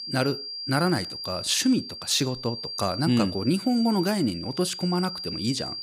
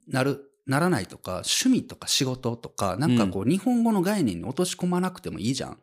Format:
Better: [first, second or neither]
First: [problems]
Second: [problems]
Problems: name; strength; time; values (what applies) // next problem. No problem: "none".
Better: second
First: high-pitched whine; loud; throughout; 4.5 kHz, 8 dB below the speech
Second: none